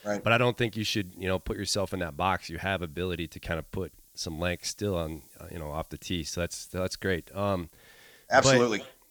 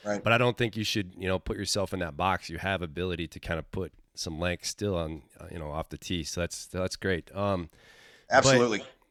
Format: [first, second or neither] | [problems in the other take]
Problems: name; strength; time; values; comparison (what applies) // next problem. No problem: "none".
second | hiss; faint; throughout; 25 dB below the speech